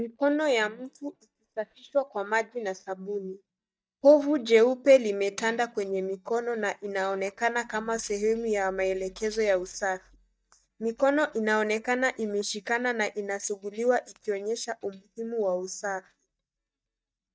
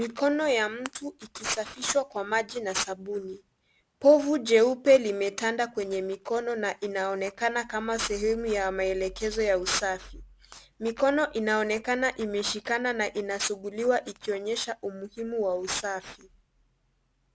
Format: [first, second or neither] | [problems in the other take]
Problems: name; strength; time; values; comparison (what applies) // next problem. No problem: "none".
second | noise reduction (neural mask model DeepFilterNet 3)